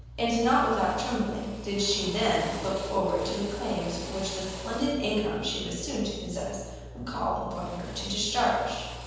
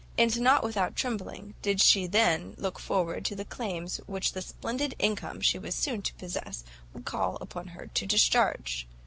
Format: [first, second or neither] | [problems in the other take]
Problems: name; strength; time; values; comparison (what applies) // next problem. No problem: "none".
second | background sound (Drill); 17 dB below the speech // room echo; dies away in 1.2 s